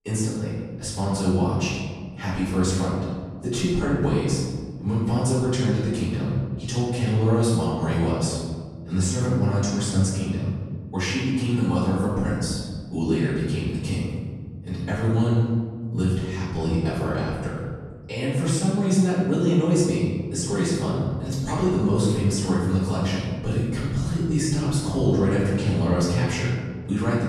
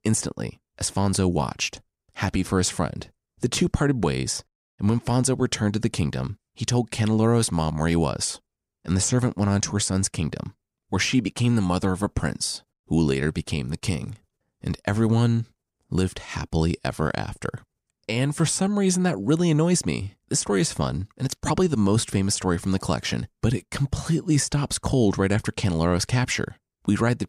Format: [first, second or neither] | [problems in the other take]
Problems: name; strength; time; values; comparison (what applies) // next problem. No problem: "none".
second | room echo; strong; dies away in 1.8 s // off-mic speech; far